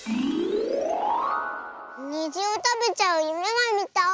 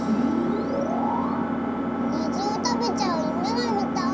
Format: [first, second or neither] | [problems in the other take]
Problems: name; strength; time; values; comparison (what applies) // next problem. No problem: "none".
first | background sound (Engine); 3 dB above the speech // room echo; dies away in 0.3 s